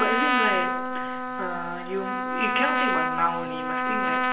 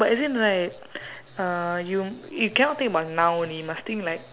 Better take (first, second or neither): second